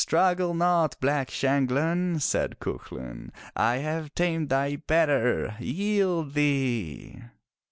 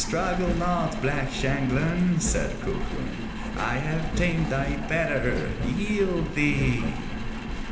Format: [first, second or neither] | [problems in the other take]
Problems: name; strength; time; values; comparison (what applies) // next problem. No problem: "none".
first | background sound (Engine); 3 dB below the speech // room echo; dies away in 1 s